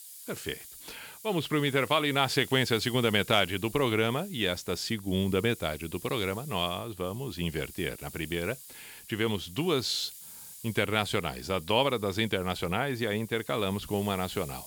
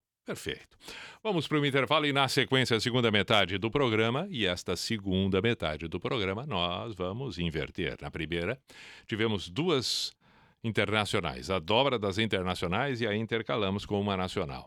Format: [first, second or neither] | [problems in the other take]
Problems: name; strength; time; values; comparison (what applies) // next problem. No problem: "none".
second | hiss; noticeable; throughout; 15 dB below the speech